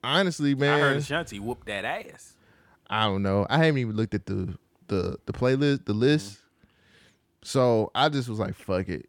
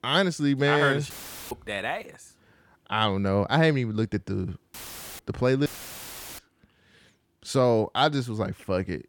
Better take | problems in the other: first | audio cutting out; filled with static; at 1 s, at 4.5 s and at 5.5 s for 0.5 s

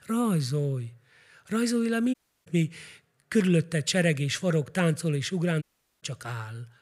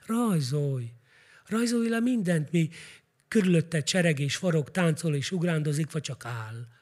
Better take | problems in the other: second | audio cutting out; at 2 s and at 5.5 s

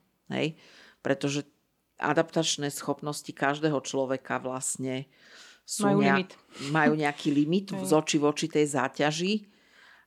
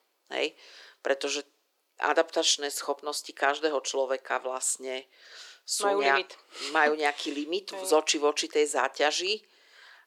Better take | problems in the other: first | thin; very; fading below 400 Hz

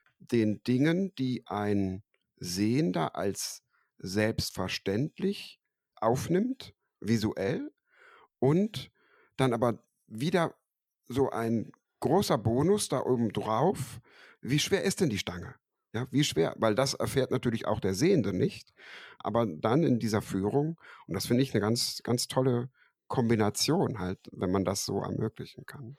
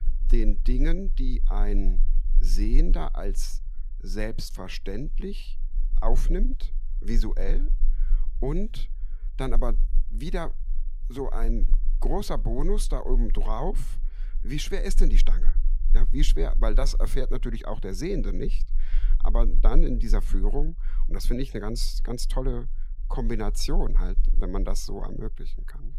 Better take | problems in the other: first | low rumble; faint; throughout; 25 dB below the speech

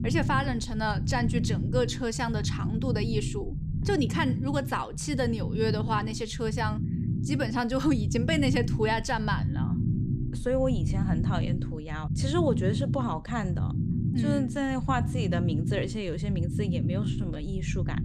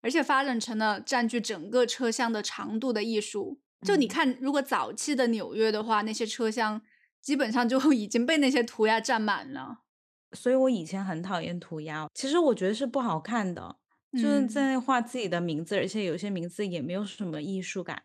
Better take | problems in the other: second | low rumble; loud; throughout; 9 dB below the speech

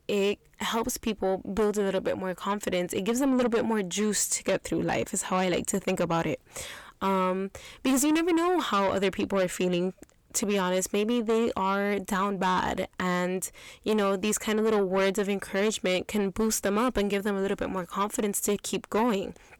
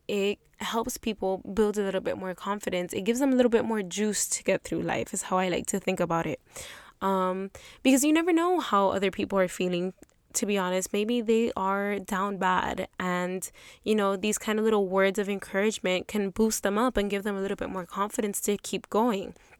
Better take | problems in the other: second | distortion; slight; 10 dB below the speech

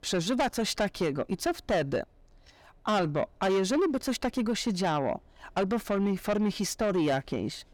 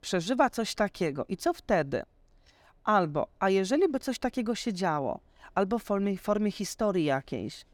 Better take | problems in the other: second | distortion; heavy; 8 dB below the speech

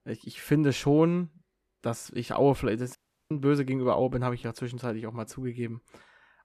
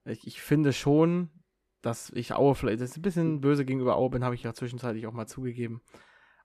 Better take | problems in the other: second | audio cutting out; at 3 s

